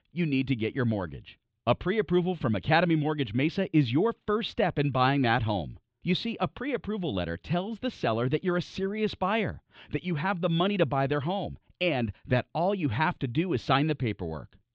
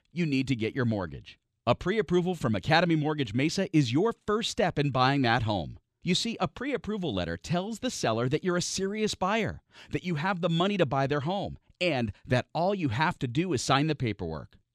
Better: second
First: muffled; slightly; fading above 3.5 kHz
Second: none

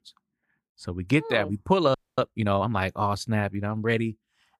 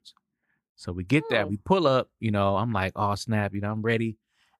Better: second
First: audio freezing; at 2 s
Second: none

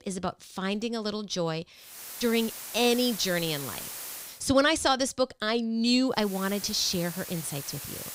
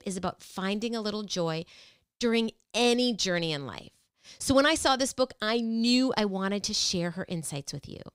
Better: second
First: hiss; loud; from 2 to 4.5 s and from 6 s on; 10 dB below the speech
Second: none

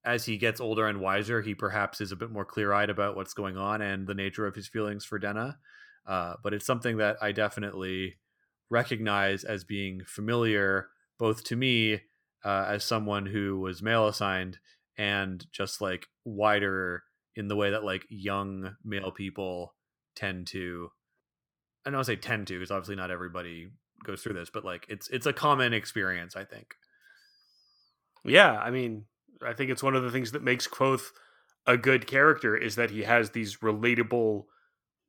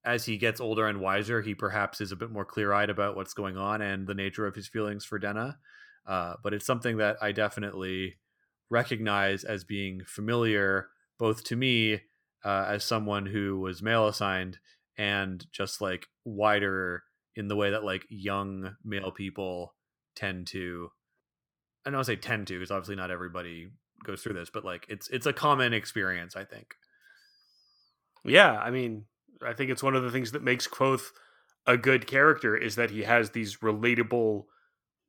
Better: neither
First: none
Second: none

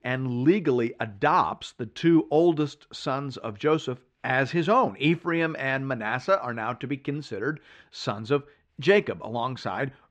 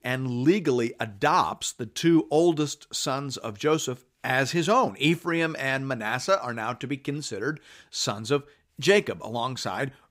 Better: second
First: muffled; slightly; fading above 3 kHz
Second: none

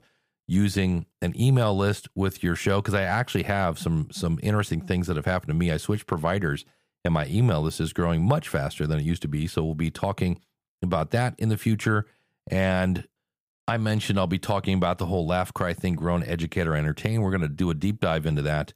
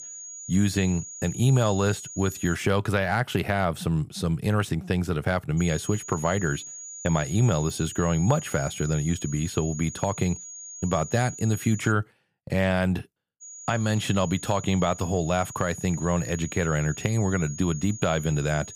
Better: first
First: none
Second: high-pitched whine; noticeable; until 2.5 s, from 5.5 to 12 s and from 13 s on; 7 kHz, 10 dB below the speech

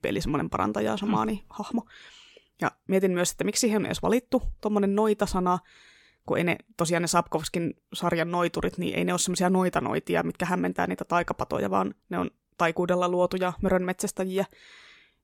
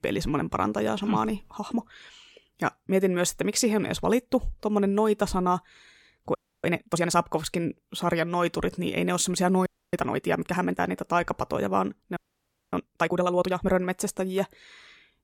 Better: first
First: none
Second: audio freezing; at 6.5 s, at 9.5 s and at 12 s for 0.5 s

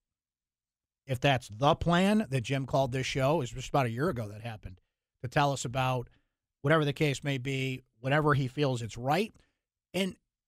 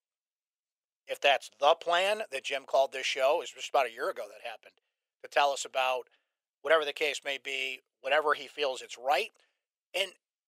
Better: first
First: none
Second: thin; very; fading below 500 Hz

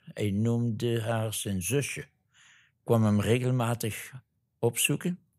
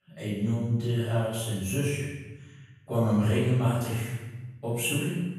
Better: first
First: none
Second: off-mic speech; far // room echo; strong; dies away in 1 s

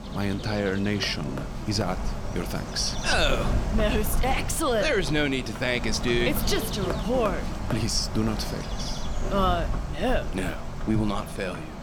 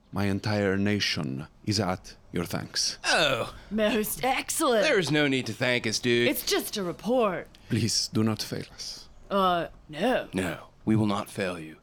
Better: second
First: animal sounds; loud; throughout; 5 dB below the speech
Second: animal sounds; faint; throughout; 30 dB below the speech

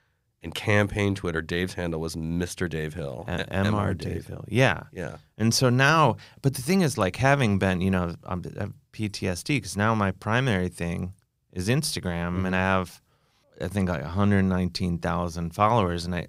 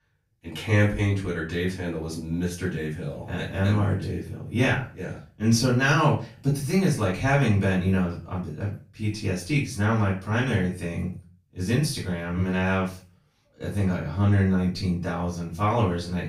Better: first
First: none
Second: off-mic speech; far // room echo; slight; dies away in 0.3 s

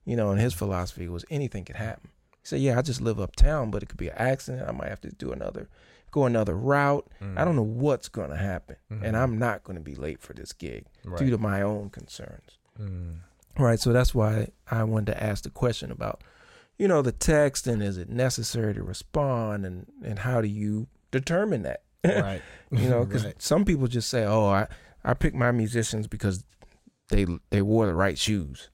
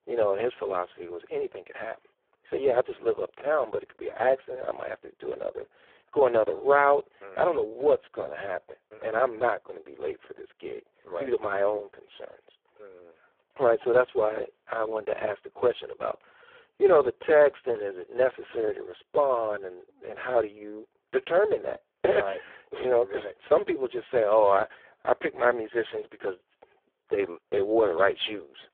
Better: first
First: none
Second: phone-call audio; poor line

